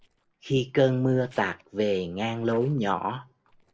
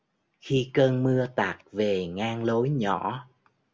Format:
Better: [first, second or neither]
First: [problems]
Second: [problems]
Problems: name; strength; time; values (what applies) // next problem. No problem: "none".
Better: second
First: noise reduction (neural separator model SepFormer DNS4)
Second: none